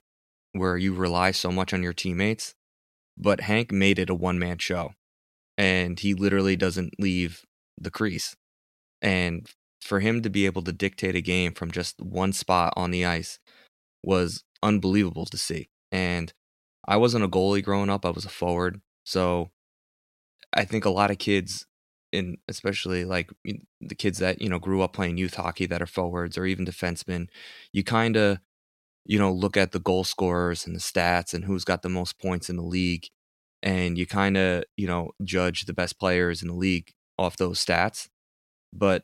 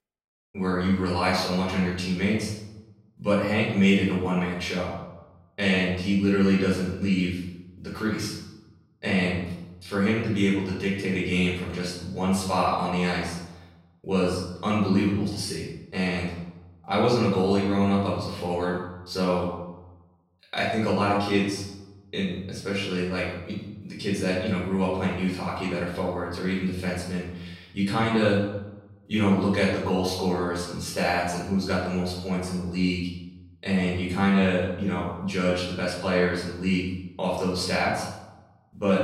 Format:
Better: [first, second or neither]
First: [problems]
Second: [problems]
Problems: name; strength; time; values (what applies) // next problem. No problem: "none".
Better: first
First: none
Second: off-mic speech; far // room echo; noticeable; dies away in 0.8 s